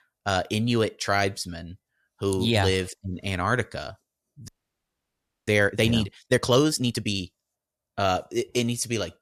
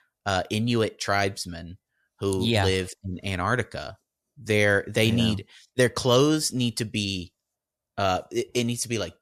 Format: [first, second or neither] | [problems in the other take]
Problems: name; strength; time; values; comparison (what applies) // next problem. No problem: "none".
second | audio freezing; at 4.5 s for 1 s